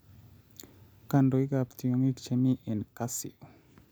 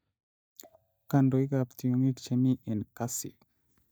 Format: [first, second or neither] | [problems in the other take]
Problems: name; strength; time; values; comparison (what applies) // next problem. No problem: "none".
first | noise reduction (neural mask model DeepFilterNet 3)